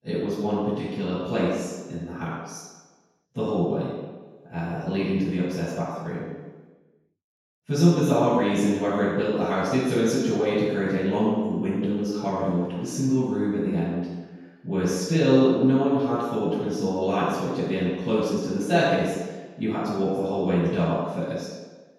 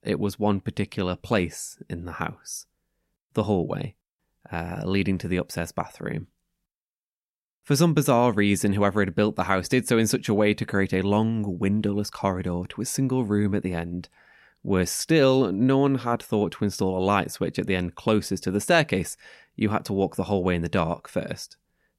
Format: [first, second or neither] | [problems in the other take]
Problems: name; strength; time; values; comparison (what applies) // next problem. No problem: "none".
second | room echo; strong; dies away in 1.2 s // off-mic speech; far